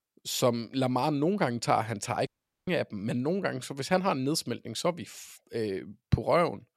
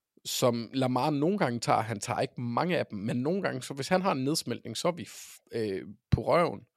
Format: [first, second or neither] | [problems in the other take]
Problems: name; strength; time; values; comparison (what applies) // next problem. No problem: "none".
second | audio cutting out; at 2.5 s